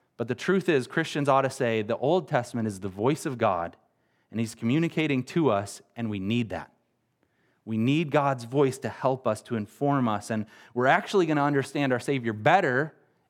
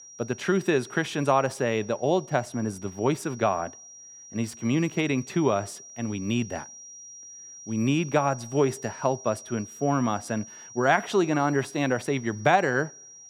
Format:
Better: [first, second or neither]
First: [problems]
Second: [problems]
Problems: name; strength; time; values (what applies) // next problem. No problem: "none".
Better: first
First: none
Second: high-pitched whine; noticeable; throughout; 5.5 kHz, 15 dB below the speech